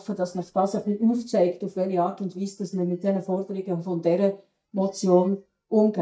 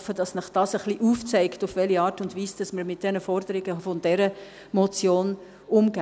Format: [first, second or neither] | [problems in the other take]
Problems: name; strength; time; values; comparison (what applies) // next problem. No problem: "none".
second | noise reduction (neural mask model DeepFilterNet 3)